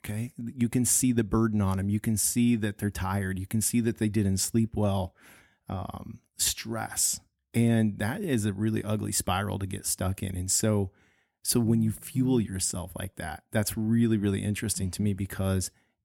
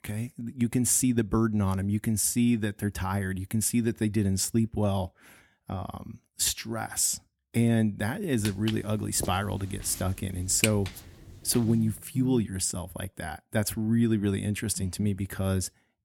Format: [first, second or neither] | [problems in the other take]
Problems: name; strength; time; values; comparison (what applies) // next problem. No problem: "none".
first | footsteps; noticeable; from 8.5 to 12 s; peak 2 dB below the speech